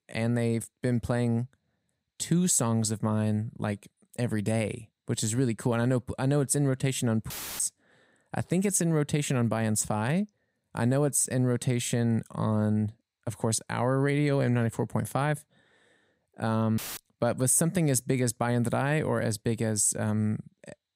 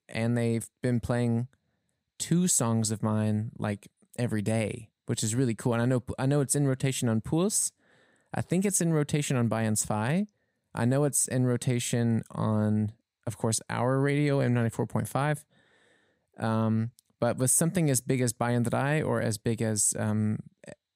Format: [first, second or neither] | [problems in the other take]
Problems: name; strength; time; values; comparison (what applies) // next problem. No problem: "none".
second | audio cutting out; filled with static; at 7.5 s and at 17 s